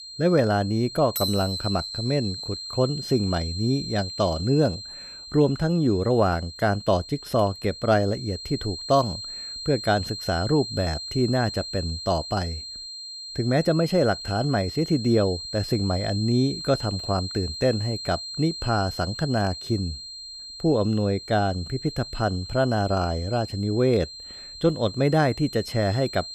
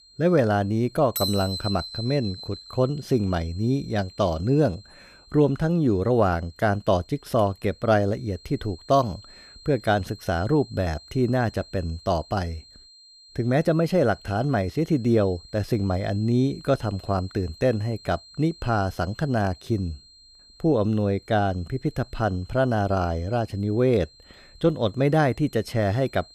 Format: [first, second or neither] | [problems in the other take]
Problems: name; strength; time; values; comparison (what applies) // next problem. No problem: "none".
second | high-pitched whine; loud; throughout; 4 kHz, 10 dB below the speech; faint in the second